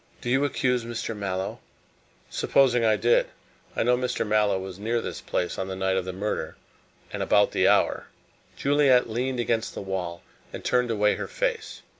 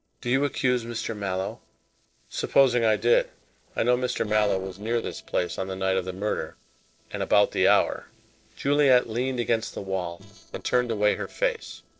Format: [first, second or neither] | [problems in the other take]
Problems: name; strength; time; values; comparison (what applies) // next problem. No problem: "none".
first | noise reduction (neural separator model SepFormer DNS4)